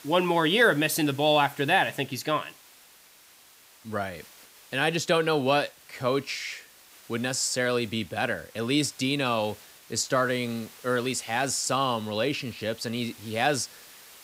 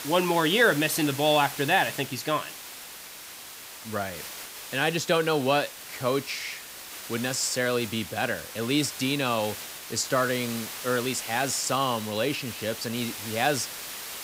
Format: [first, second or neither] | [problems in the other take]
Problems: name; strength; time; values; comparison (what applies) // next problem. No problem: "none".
first | hiss; loud; throughout; 10 dB below the speech; faint in the first